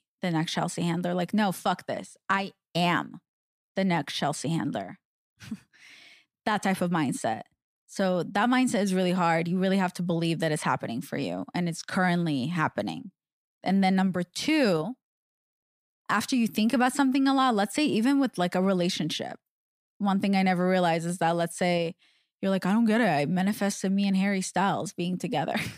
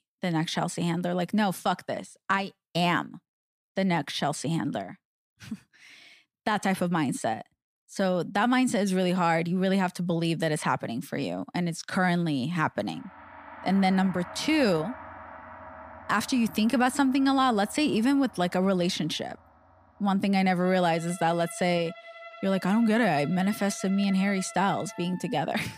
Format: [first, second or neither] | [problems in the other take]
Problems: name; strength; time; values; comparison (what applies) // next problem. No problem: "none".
first | background music; noticeable; from 14 s on; 20 dB below the speech